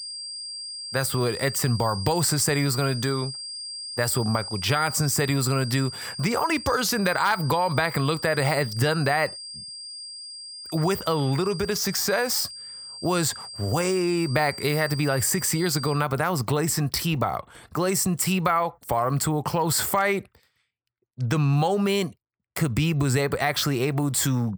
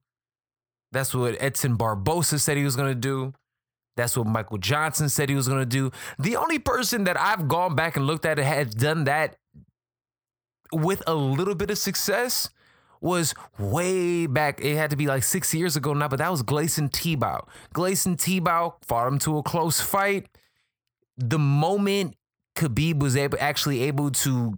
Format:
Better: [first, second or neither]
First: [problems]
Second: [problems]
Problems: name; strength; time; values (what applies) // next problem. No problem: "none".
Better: second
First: high-pitched whine; noticeable; until 16 s; 5 kHz, 10 dB below the speech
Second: none